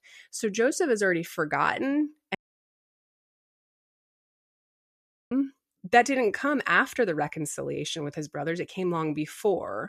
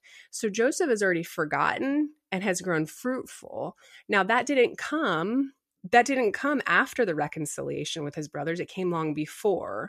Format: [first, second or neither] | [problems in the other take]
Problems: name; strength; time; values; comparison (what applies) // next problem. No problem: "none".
second | audio cutting out; at 2.5 s for 3 s